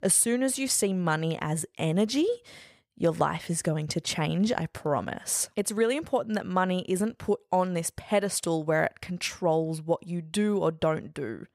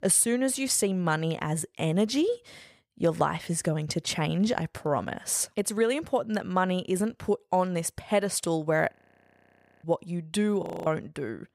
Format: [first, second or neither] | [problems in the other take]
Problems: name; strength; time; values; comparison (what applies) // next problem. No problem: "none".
first | audio freezing; at 9 s for 1 s and at 11 s